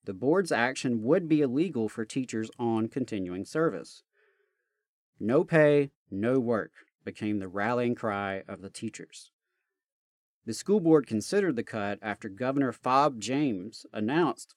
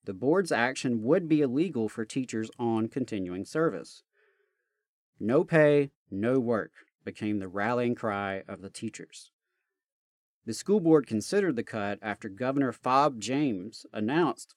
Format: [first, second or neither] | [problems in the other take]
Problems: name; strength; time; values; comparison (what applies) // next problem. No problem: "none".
neither | none